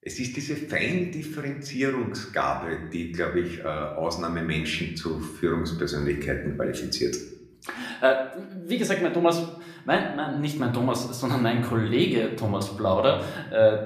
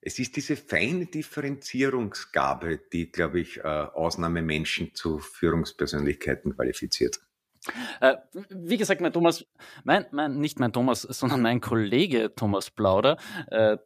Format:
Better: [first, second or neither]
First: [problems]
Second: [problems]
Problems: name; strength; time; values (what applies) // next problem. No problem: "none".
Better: second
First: room echo; slight; dies away in 0.7 s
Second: none